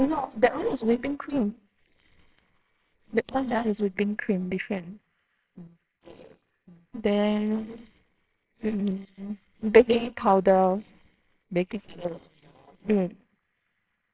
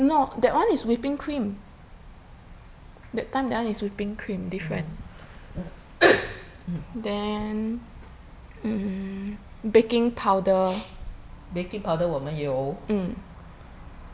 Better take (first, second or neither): second